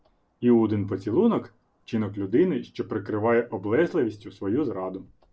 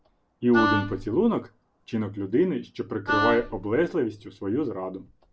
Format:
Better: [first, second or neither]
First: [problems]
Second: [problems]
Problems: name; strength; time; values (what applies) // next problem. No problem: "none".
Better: first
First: none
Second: background sound (Wind instrument, woodwind instrument); 2 dB below the speech